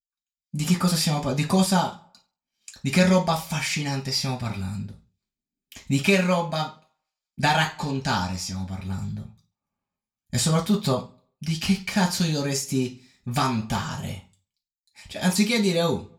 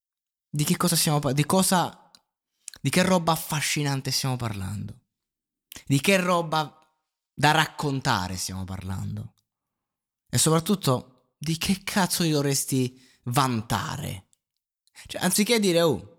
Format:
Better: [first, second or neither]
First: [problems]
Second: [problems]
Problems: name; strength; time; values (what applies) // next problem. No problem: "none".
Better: second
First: room echo; slight; dies away in 0.3 s // off-mic speech; somewhat distant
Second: none